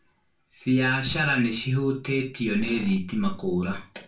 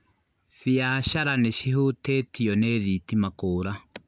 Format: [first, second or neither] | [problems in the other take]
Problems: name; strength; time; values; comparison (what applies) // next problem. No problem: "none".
second | background sound (Drill); 20 dB below the speech // room echo; dies away in 0.3 s